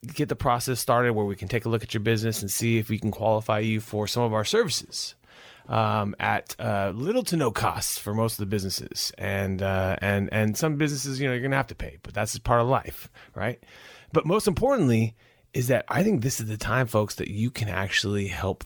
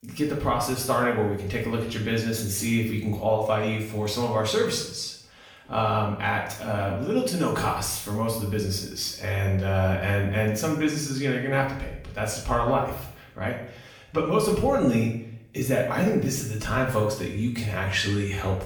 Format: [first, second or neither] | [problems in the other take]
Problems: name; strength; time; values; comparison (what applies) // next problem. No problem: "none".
first | room echo; noticeable; dies away in 0.6 s // off-mic speech; far